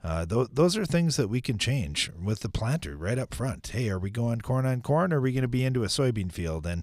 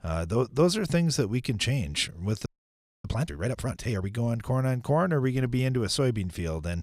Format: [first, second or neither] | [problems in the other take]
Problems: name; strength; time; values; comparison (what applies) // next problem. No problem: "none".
first | audio freezing; at 2.5 s for 0.5 s